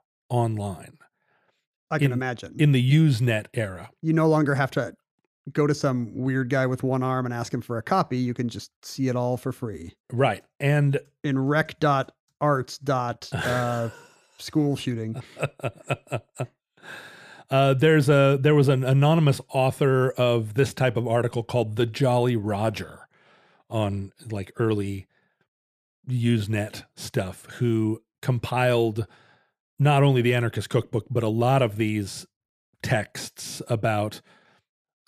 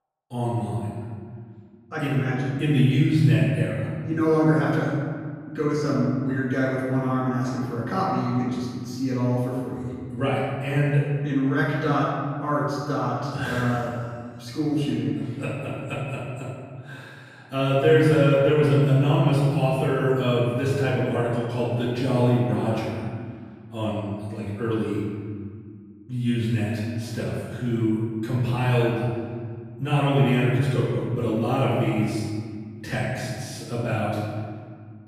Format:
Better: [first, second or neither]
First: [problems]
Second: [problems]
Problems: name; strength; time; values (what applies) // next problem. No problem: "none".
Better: first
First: none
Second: off-mic speech; far // room echo; strong; dies away in 1.8 s